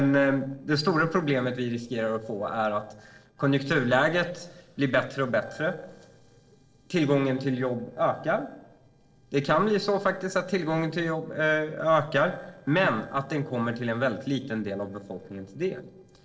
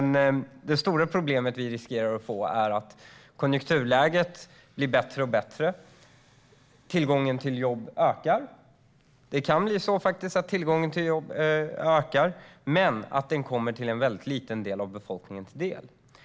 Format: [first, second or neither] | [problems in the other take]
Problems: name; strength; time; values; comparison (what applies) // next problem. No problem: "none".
second | noise reduction (neural separator model SepFormer DNS4)